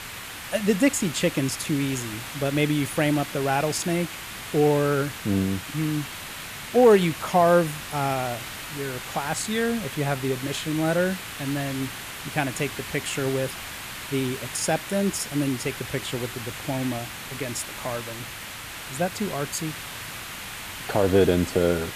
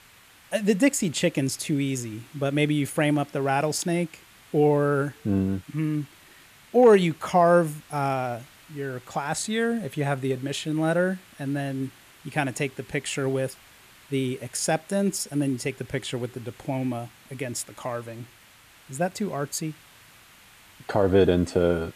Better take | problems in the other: second | hiss; loud; throughout; 9 dB below the speech; faint in the second

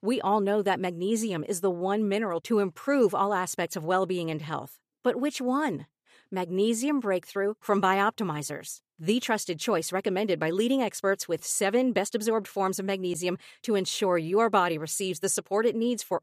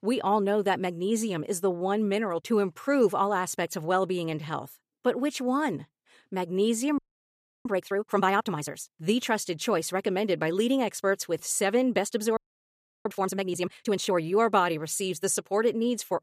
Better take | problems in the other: first | audio freezing; at 7 s for 0.5 s and at 12 s for 0.5 s

